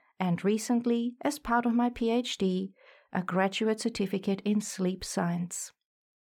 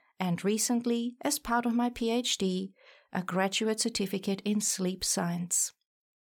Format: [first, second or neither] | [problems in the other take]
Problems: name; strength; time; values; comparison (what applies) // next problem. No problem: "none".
second | muffled; slightly; fading above 3.5 kHz